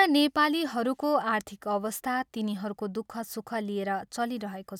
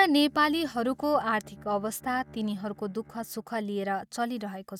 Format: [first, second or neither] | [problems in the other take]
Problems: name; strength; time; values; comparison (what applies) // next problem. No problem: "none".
first | noise reduction (neural mask model RNNoise)